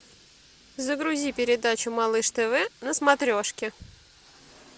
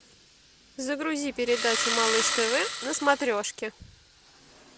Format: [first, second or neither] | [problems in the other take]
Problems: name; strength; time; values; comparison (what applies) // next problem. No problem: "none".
first | background sound (Engine starting); 1 dB below the speech